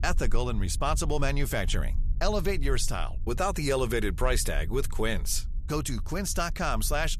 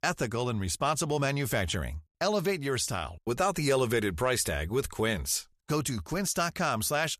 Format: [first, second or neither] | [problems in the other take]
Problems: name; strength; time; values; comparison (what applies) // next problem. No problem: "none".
second | low rumble; faint; throughout; 25 dB below the speech